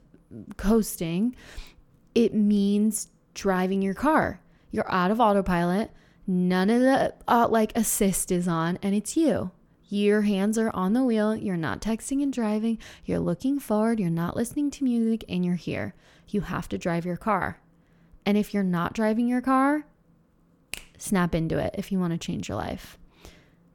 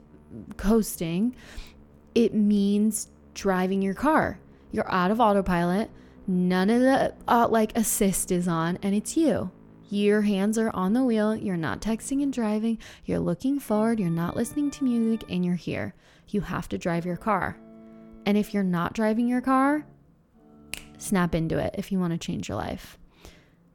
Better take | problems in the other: first | background music; faint; throughout; 25 dB below the speech

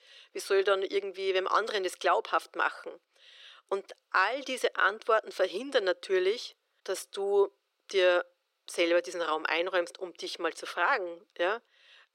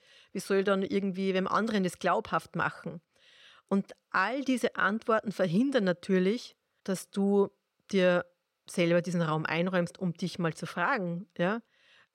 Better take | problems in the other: second | thin; very; fading below 350 Hz

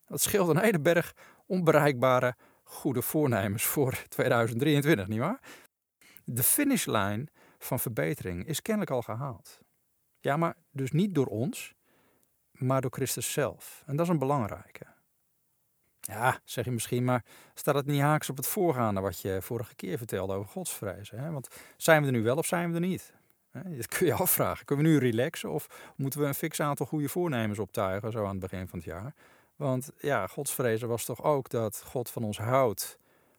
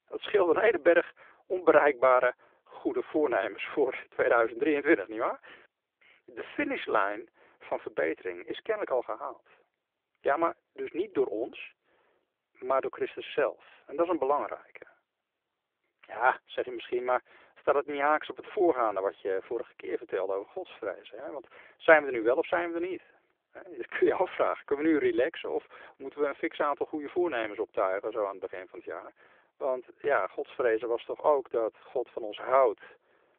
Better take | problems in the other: first | phone-call audio; nothing above 3.5 kHz

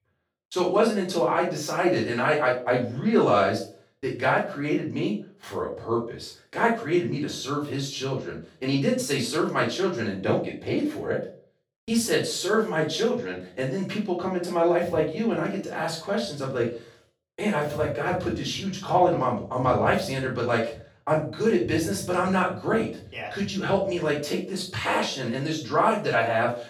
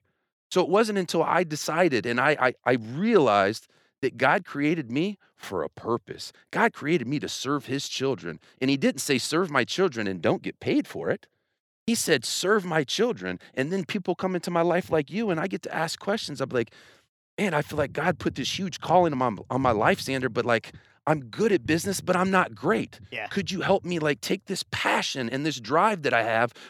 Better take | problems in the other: second | off-mic speech; far // room echo; noticeable; dies away in 0.4 s

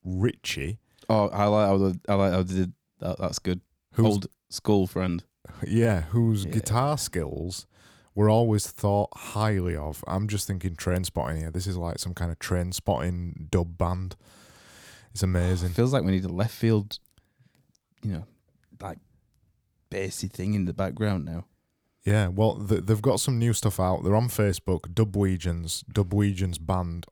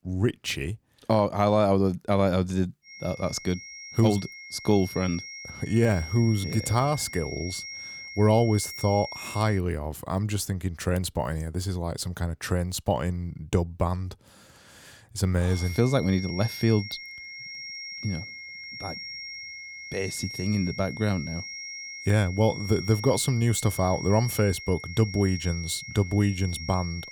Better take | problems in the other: first | high-pitched whine; noticeable; from 3 to 9.5 s and from 16 s on; 2 kHz, 10 dB below the speech

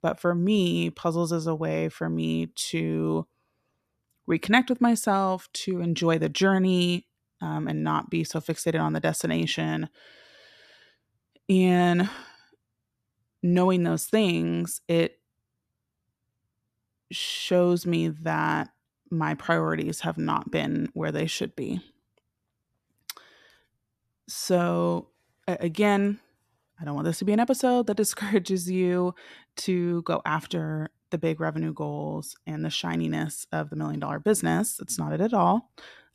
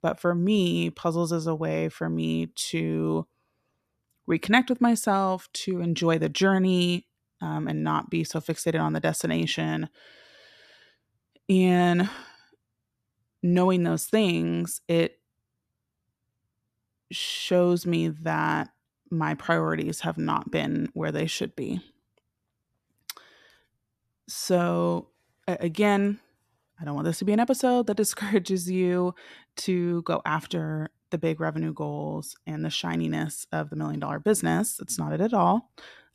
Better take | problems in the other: neither | none

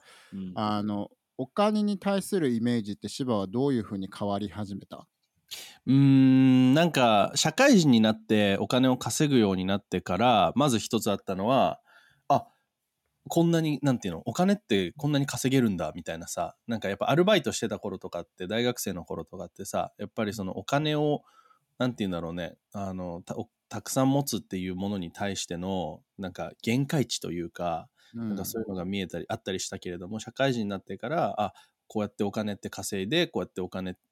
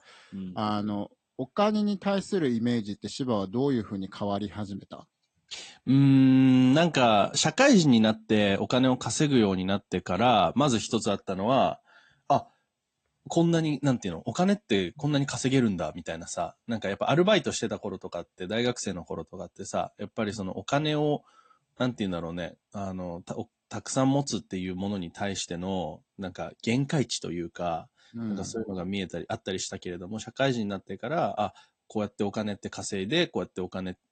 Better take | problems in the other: first | garbled, watery; slightly; nothing above 8.5 kHz

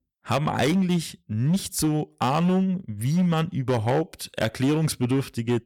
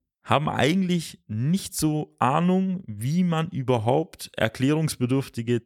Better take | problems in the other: second | distortion; slight; 9% of the sound clipped

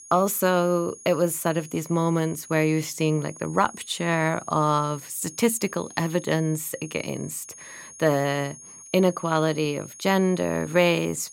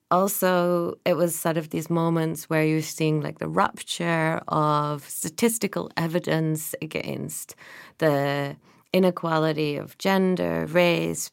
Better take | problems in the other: second | high-pitched whine; noticeable; throughout; 6.5 kHz, 15 dB below the speech

